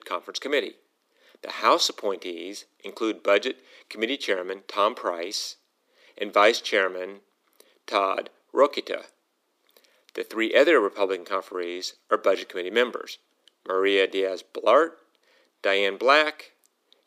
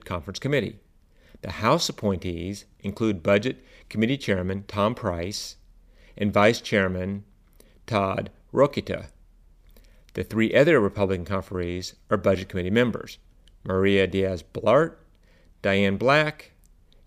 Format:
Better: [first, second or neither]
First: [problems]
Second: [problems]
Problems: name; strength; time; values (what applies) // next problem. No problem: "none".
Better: second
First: thin; somewhat; fading below 300 Hz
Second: none